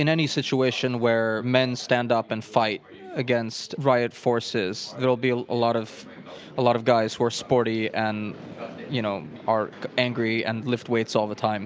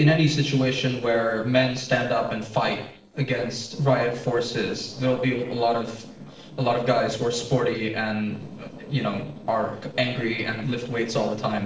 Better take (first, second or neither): first